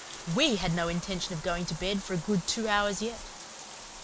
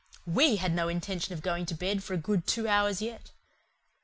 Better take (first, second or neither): second